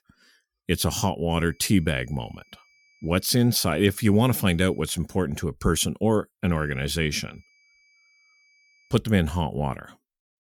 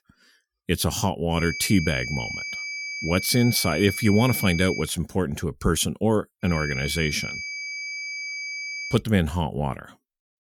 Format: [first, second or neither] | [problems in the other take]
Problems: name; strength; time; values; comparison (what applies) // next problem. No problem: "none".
first | high-pitched whine; loud; from 1.5 to 5 s and from 6.5 to 9 s; 2.5 kHz, 6 dB below the speech; faint in the first